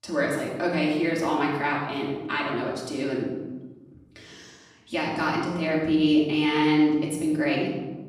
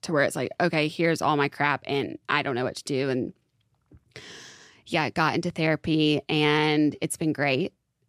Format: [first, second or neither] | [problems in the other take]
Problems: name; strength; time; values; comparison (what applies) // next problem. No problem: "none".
second | off-mic speech; far // room echo; noticeable; dies away in 1 s